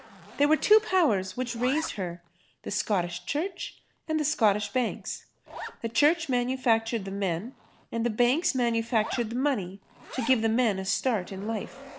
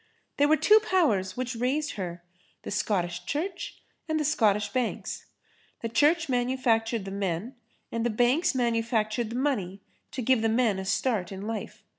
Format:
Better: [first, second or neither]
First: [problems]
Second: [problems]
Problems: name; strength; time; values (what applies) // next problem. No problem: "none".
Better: second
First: background sound (Zipper (clothing)); 18 dB below the speech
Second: none